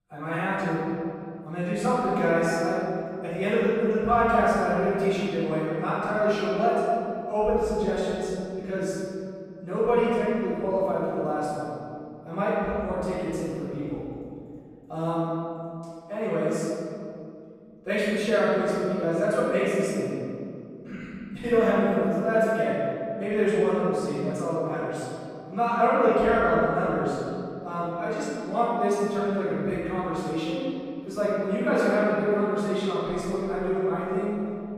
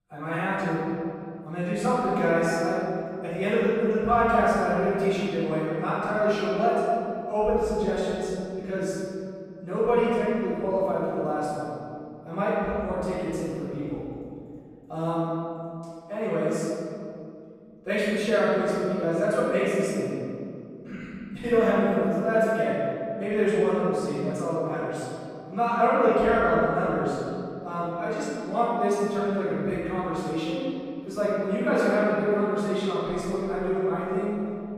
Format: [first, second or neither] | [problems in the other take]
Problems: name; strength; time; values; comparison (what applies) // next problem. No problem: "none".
neither | off-mic speech; far; the same in both // room echo; strong; dies away in 2.4 s; the same in both